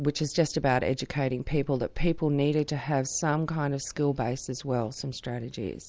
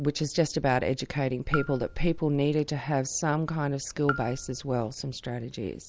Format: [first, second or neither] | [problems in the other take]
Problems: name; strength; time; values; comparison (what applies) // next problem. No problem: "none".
first | background sound (Raindrop / Drip); 11 dB below the speech